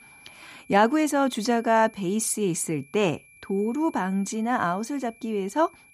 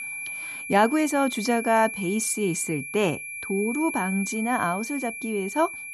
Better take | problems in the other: first | high-pitched whine; loud; throughout; 2.5 kHz, 7 dB below the speech; faint in the first

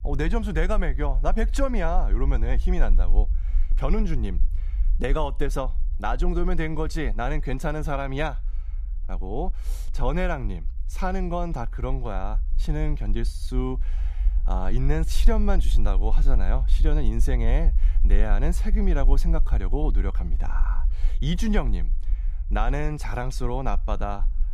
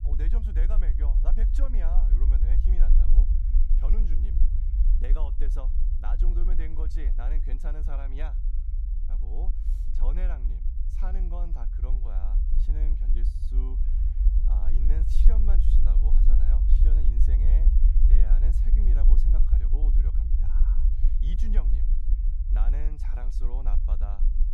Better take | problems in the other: first | low rumble; loud; throughout; 2 dB below the speech; faint in the first

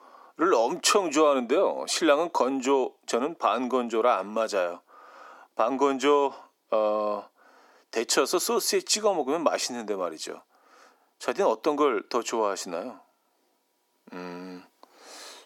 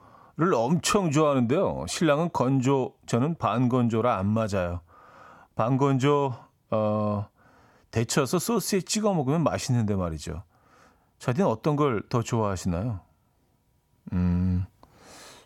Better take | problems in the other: second | thin; somewhat; fading below 300 Hz

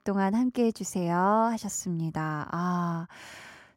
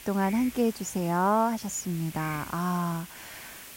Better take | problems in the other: first | hiss; noticeable; throughout; 15 dB below the speech

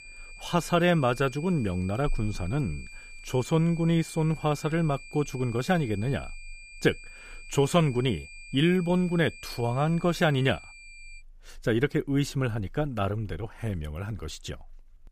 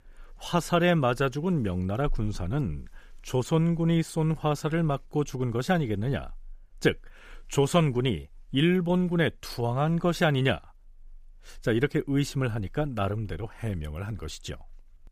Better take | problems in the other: second | high-pitched whine; noticeable; until 11 s; 2.5 kHz, 20 dB below the speech

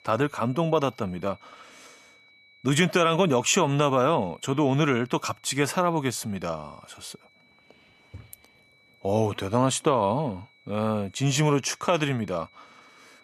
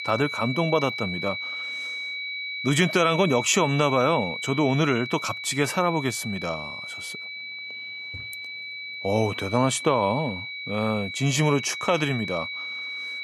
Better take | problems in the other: first | high-pitched whine; loud; throughout; 2.5 kHz, 7 dB below the speech; faint in the first

